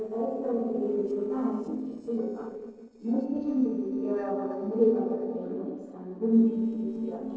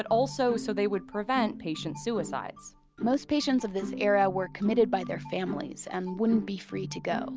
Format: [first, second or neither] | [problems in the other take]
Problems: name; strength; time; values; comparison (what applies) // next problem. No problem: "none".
second | noise reduction (neural separator model SepFormer DNS4)